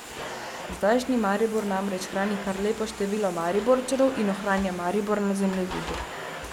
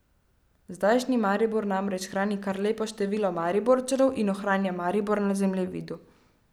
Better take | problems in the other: second | background sound (Domestic sounds, home sounds); 11 dB below the speech

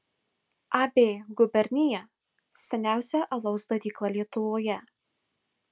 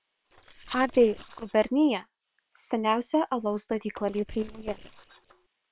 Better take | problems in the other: first | noise reduction (neural separator model SepFormer WHAM!)

